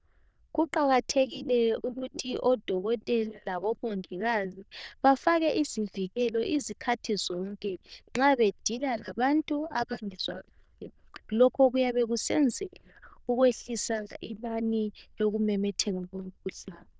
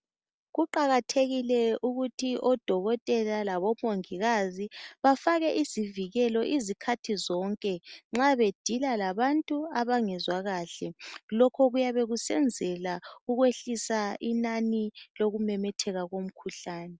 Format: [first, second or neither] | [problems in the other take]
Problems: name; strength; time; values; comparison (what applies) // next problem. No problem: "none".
second | noise reduction (neural diffusion model UNIVERSE++)